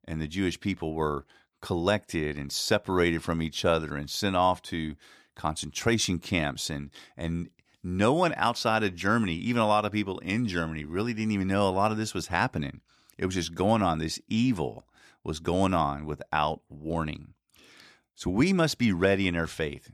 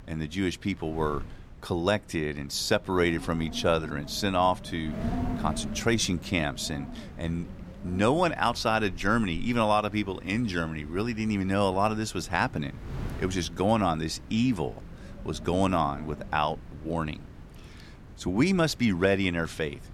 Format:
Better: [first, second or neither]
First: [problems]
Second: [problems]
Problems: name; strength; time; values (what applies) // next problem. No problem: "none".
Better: first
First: none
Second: wind noise on the microphone; occasional gusts; 20 dB below the speech